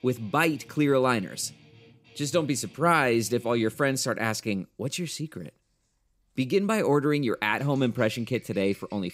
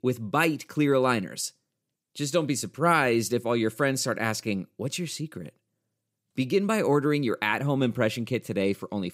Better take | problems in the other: second | background music; faint; throughout; 25 dB below the speech

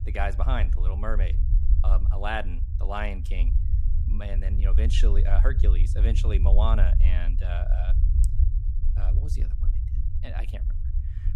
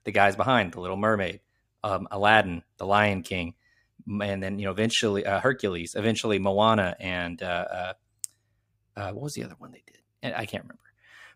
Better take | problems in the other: second | low rumble; noticeable; throughout; 10 dB below the speech

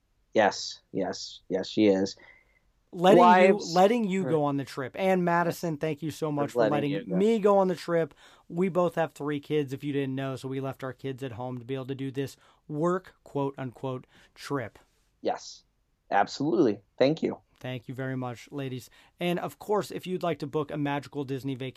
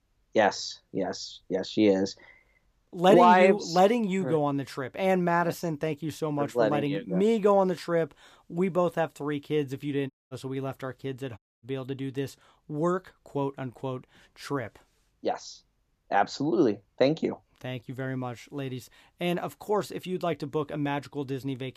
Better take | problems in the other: first | audio cutting out; at 10 s and at 11 s

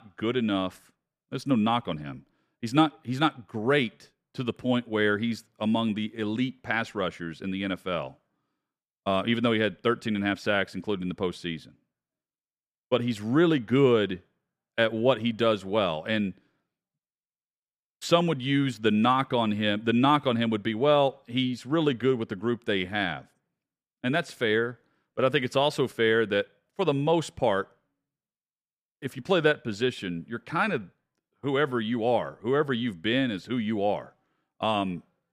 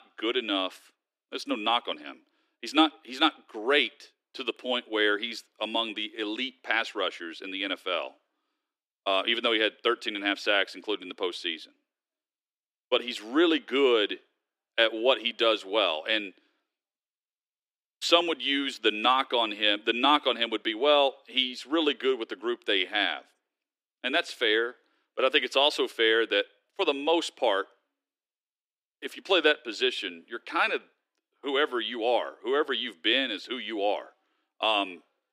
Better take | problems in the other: first | thin; somewhat; fading below 300 Hz

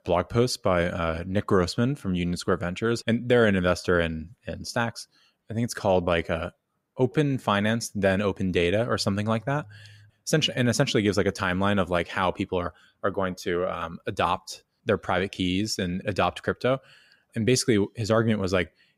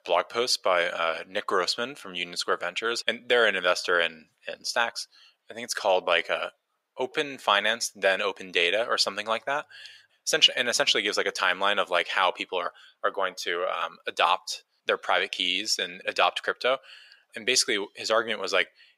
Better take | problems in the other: first | thin; very; fading below 650 Hz

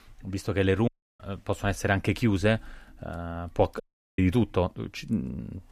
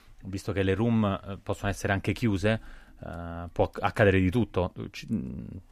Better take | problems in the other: second | audio cutting out; at 1 s and at 4 s

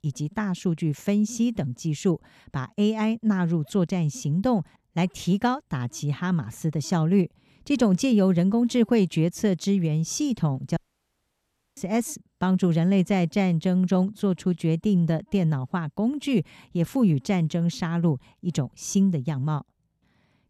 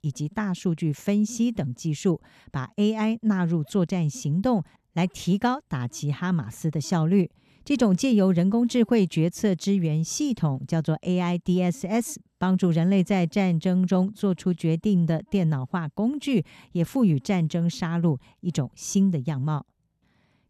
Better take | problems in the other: second | audio cutting out; at 11 s for 1 s

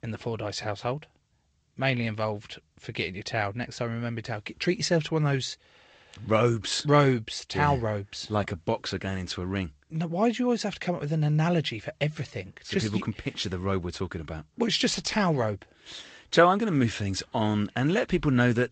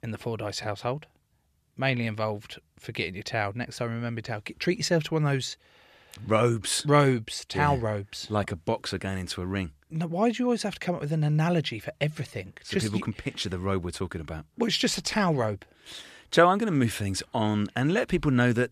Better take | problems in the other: second | garbled, watery; slightly; nothing above 8 kHz

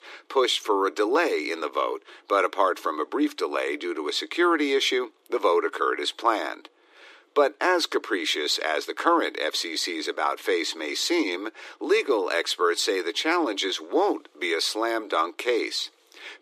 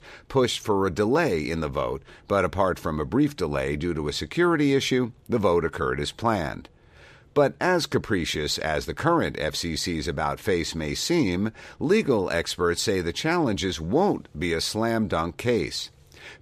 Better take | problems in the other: second | thin; somewhat; fading below 300 Hz

